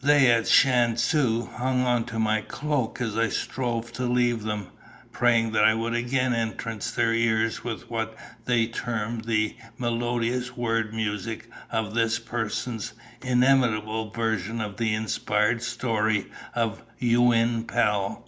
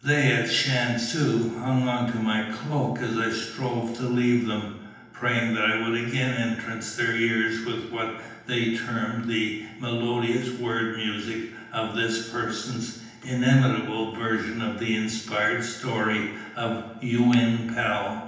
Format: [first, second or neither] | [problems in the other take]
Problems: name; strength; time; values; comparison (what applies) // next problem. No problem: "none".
first | background sound (Finger snapping); 16 dB below the speech // room echo; dies away in 0.9 s